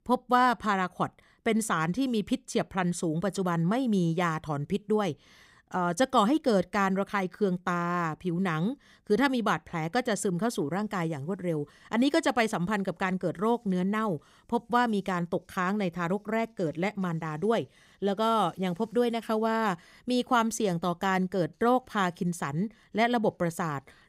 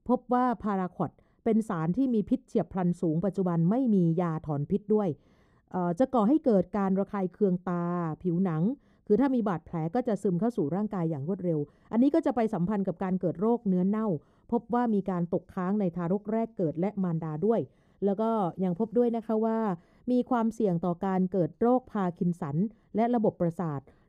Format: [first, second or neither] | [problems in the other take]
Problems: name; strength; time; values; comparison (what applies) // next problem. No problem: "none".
first | muffled; very; fading above 1 kHz